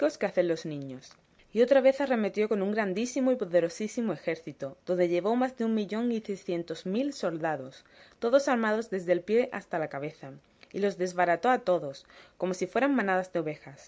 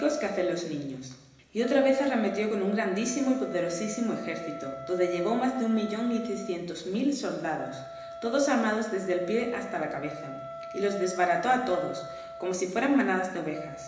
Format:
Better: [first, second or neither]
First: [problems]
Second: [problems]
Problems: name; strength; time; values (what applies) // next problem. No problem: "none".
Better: first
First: none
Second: background sound (Wind instrument, woodwind instrument); 13 dB below the speech // room echo; dies away in 1 s